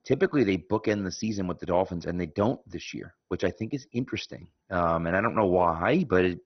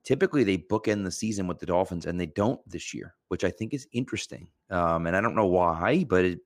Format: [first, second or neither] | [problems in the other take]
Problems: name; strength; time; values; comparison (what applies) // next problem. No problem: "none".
second | garbled, watery; badly; nothing above 6 kHz